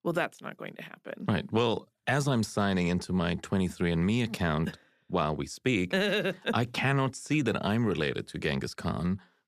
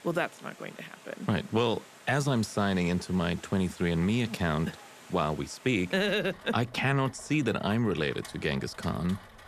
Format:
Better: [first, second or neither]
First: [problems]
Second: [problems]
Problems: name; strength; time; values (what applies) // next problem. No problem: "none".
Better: first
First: none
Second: rain or running water; faint; throughout; 20 dB below the speech